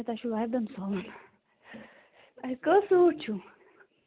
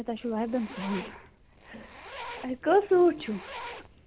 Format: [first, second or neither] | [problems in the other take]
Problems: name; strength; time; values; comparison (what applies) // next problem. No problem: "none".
first | background sound (Zipper (clothing)); 15 dB below the speech